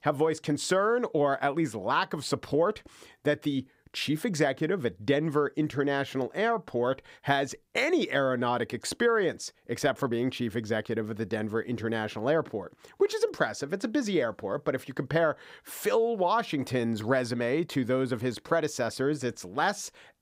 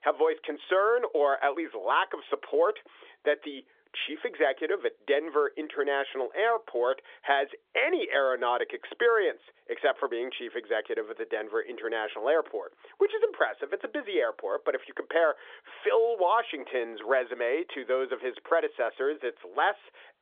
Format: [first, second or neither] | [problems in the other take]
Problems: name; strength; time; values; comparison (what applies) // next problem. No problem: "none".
first | phone-call audio; nothing above 3.5 kHz